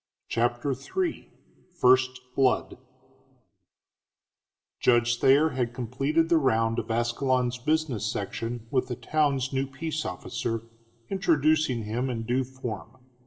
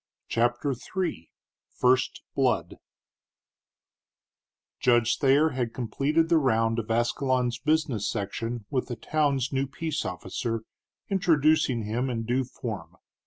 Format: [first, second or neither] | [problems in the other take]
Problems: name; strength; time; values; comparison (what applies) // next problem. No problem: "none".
second | room echo; dies away in 0.7 s